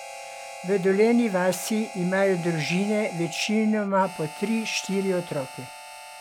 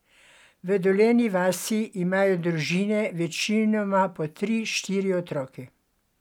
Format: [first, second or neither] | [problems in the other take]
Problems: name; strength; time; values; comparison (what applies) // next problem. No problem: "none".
second | background sound (Harmonica); 14 dB below the speech